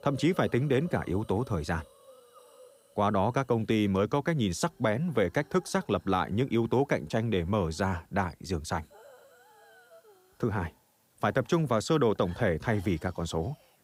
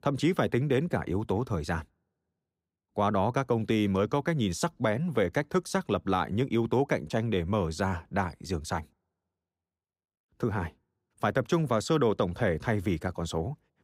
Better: second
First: hiss; faint; throughout; 25 dB below the speech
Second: none

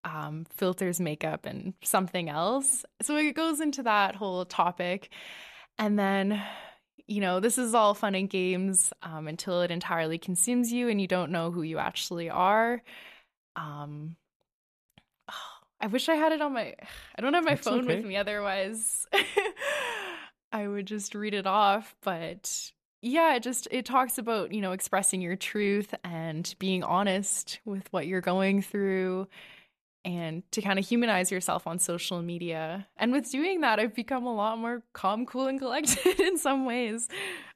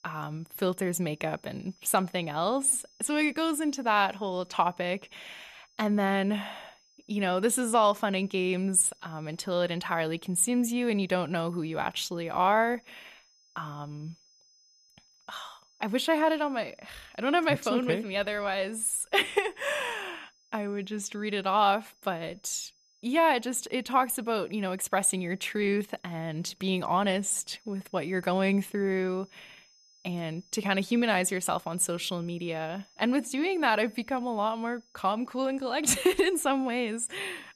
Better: first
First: none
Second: high-pitched whine; faint; throughout; 5 kHz, 30 dB below the speech

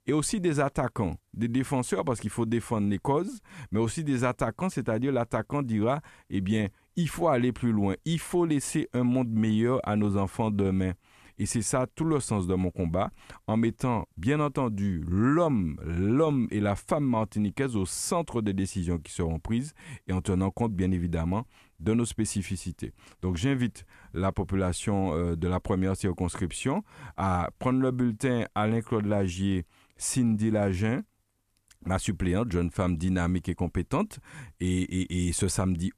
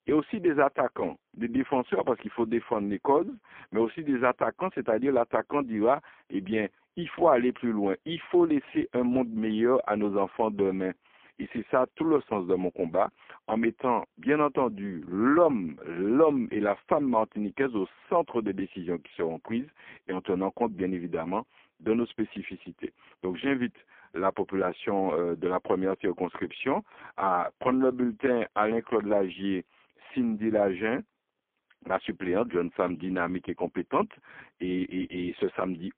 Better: first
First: none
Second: phone-call audio; poor line; nothing above 3.5 kHz

